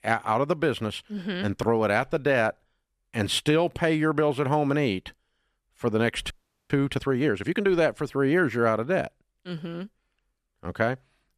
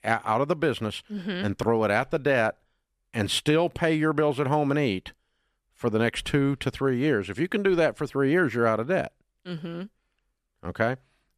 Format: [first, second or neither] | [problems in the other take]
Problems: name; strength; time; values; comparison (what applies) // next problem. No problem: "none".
second | audio freezing; at 6.5 s